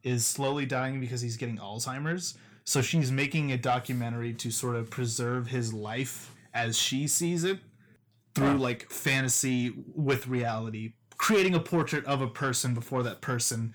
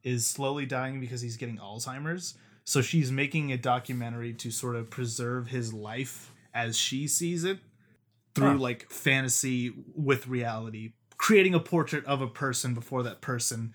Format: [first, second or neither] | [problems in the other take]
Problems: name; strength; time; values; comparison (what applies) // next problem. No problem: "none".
second | distortion; slight; 10 dB below the speech